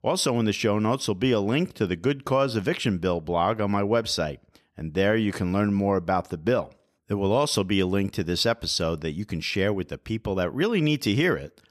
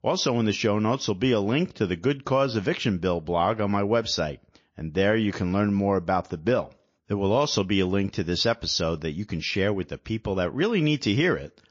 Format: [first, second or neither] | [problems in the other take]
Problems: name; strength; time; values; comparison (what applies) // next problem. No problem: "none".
first | garbled, watery; slightly; nothing above 6 kHz